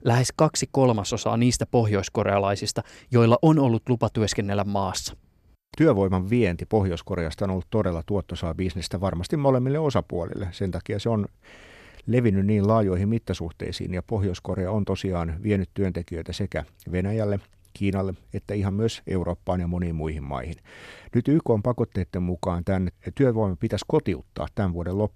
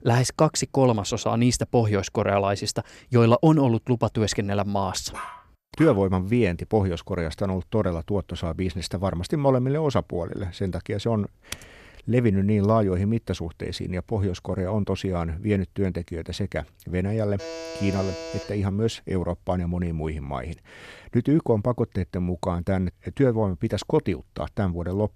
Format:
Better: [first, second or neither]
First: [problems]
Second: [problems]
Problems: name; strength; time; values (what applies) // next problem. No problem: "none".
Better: first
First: none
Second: dog barking; faint; at 5 s; peak 10 dB below the speech // keyboard typing; very faint; at 12 s; peak 15 dB below the speech // alarm; noticeable; from 17 to 19 s; peak 9 dB below the speech